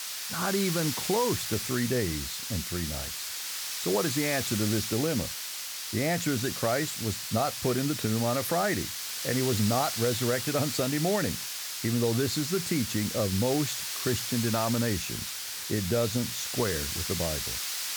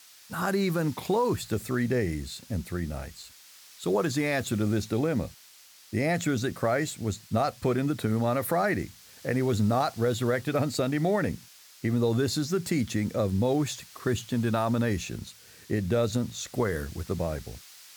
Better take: second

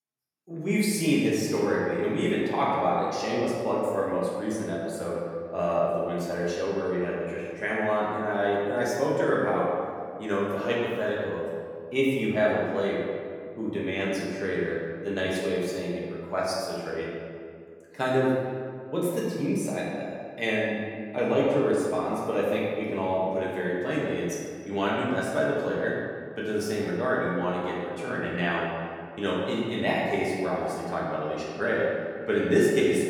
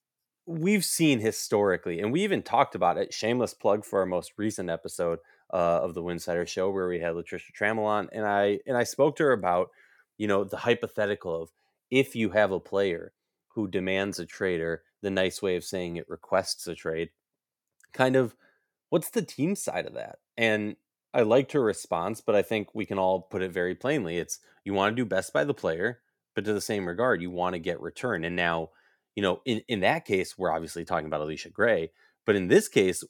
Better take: second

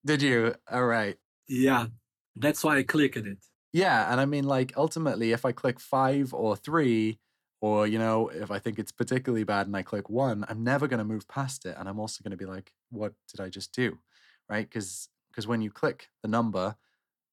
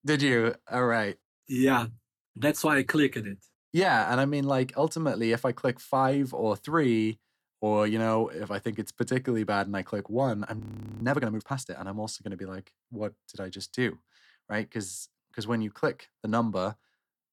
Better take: first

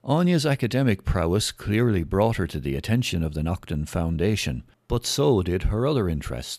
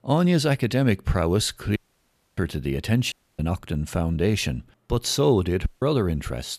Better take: first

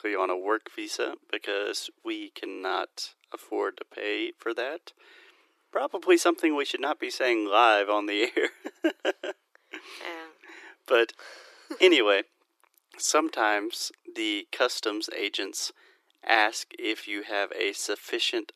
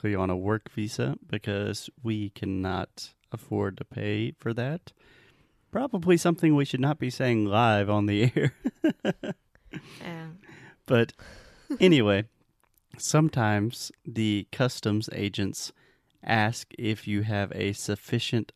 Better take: second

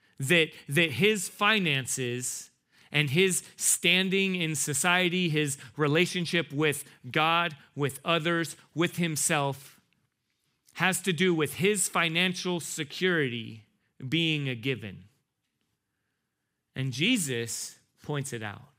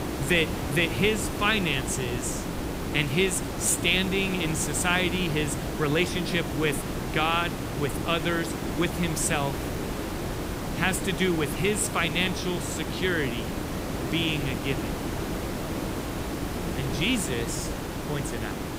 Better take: first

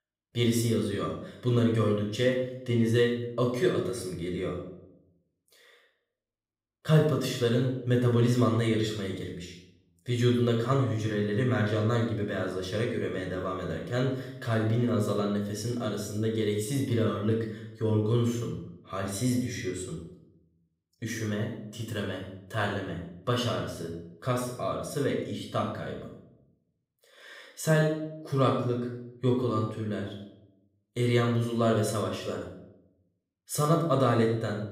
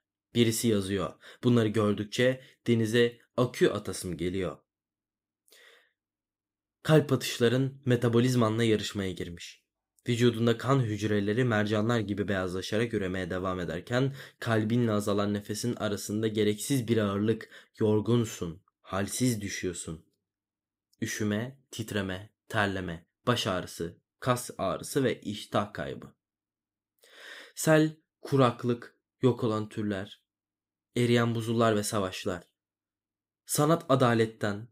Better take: second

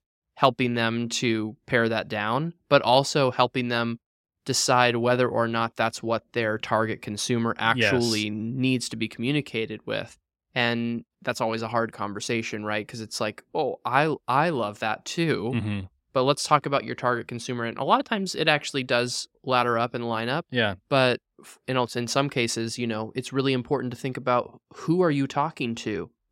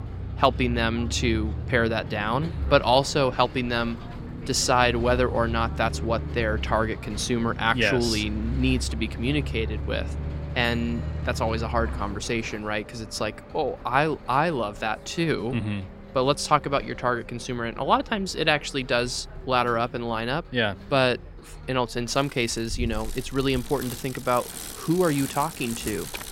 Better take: first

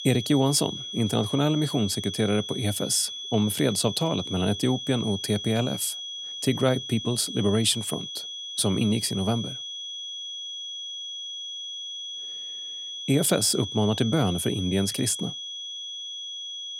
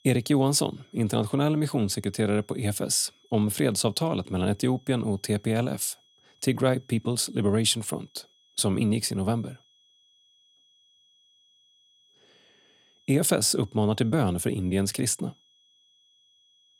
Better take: second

